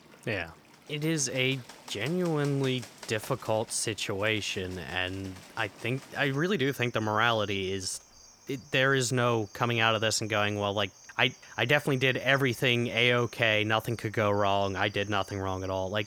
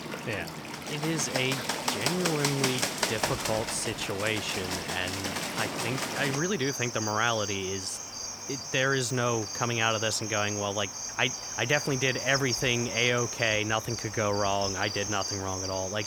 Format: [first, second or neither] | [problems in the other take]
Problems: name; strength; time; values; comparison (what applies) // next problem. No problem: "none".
first | animal sounds; loud; throughout; 3 dB below the speech; faint in the first